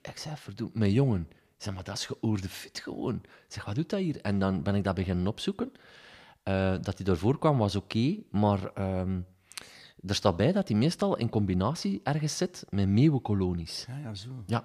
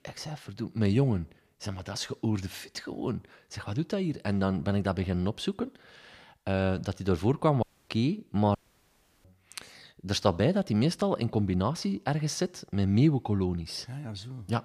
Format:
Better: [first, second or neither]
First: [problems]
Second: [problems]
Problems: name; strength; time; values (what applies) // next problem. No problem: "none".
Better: first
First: none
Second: audio cutting out; at 7.5 s and at 8.5 s for 0.5 s